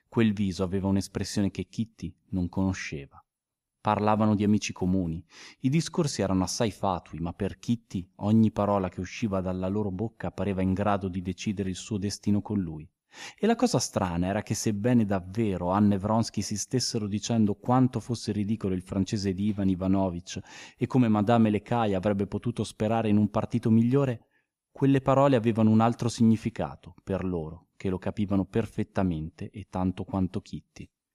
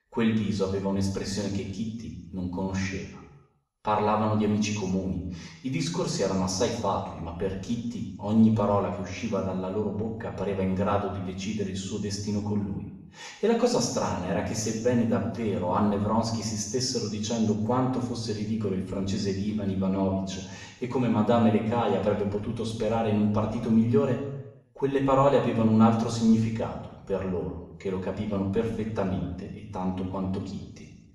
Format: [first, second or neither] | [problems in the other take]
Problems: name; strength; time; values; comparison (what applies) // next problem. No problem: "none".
first | room echo; noticeable; dies away in 0.8 s // off-mic speech; far